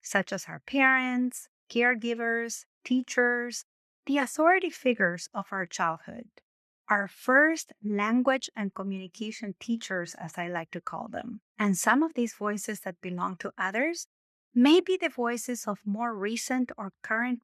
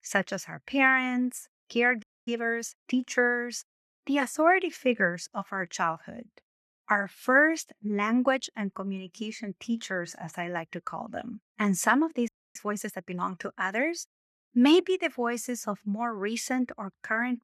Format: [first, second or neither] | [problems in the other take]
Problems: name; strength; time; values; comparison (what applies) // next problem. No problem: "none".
first | audio freezing; at 2 s and at 12 s